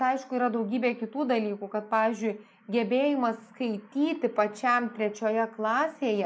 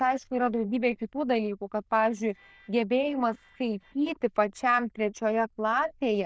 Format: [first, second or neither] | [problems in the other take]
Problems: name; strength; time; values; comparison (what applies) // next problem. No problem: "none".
first | noise reduction (neural diffusion model UNIVERSE++)